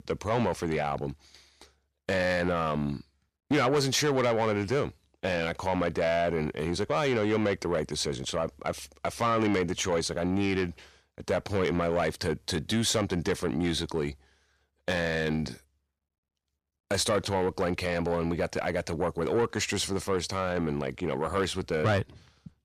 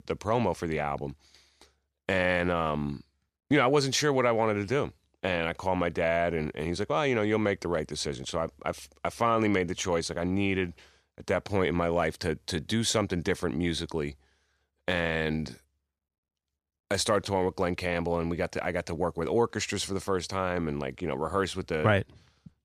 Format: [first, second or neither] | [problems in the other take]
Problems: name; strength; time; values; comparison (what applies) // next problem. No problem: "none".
second | distortion; slight; 10 dB below the speech